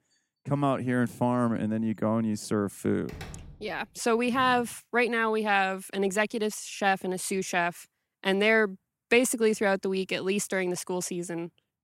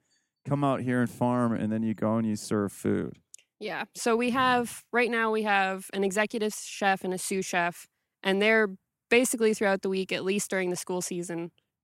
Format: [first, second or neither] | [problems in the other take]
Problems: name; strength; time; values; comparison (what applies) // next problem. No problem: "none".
second | door banging; faint; at 3 s; peak 15 dB below the speech